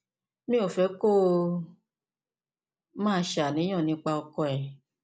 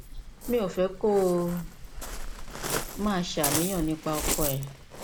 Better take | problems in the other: first | background sound (Waves, surf); 4 dB below the speech

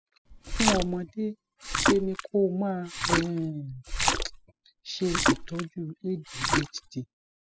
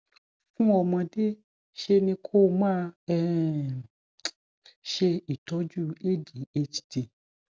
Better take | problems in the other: second | noise reduction (classical method spectral subtraction)

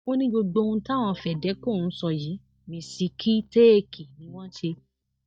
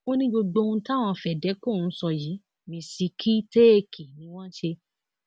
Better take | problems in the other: second | noise reduction (neural mask model DeepFilterNet 3)

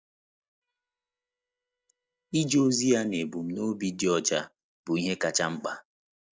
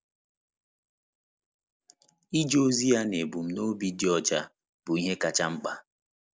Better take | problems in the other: second | noise reduction (neural mask model DeepFilterNet 3)

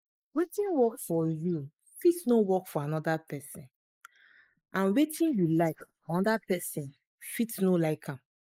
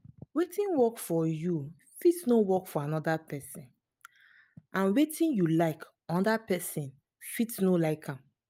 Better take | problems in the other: second | noise reduction (neural mask model Resemble Enhance denoiser)

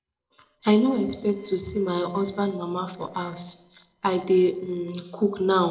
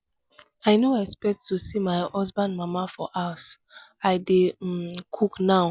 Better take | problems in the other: second | noise reduction (neural separator model SepFormer DNS4)

